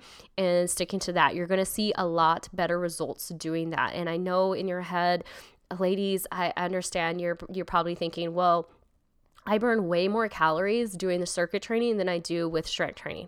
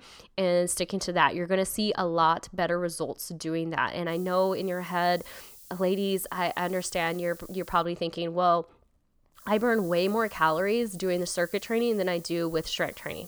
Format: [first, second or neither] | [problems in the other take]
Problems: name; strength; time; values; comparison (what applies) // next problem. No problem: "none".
first | hiss; noticeable; from 4 to 8 s and from 9.5 s on; 20 dB below the speech